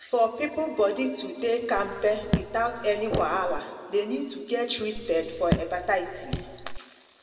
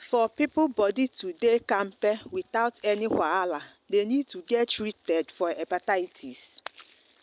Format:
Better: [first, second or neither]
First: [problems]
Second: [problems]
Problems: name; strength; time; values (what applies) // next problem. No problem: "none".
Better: second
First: background sound (Raindrop / Drip); 5 dB below the speech // room echo; dies away in 1.9 s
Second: none